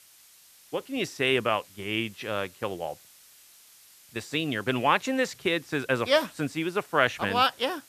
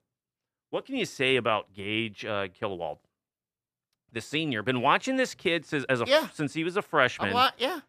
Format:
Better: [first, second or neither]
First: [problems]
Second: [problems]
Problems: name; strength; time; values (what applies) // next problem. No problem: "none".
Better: second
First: hiss; faint; throughout; 25 dB below the speech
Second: none